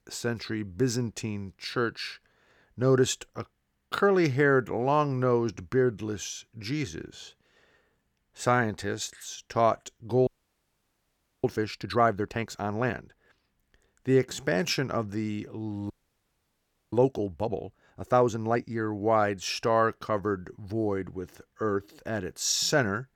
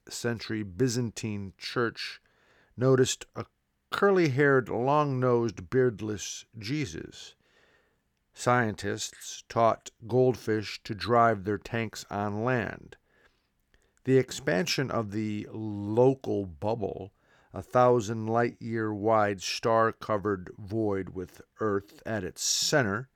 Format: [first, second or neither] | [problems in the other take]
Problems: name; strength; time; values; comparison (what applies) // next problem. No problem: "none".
second | audio freezing; at 10 s for 1 s and at 16 s for 1 s